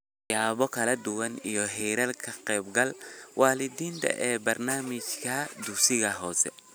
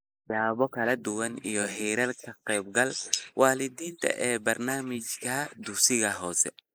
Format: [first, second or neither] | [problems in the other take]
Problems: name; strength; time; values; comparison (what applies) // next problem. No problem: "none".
first | noise reduction (neural mask model Resemble Enhance denoiser)